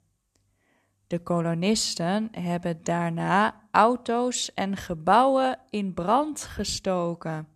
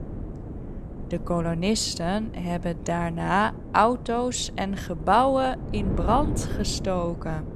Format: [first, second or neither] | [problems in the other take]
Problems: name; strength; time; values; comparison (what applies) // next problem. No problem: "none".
first | wind noise on the microphone; occasional gusts; 15 dB below the speech